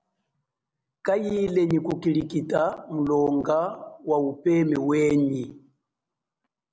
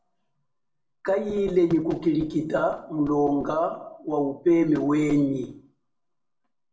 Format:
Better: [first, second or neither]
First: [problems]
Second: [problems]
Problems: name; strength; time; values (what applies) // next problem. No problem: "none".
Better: first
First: none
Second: room echo; dies away in 0.3 s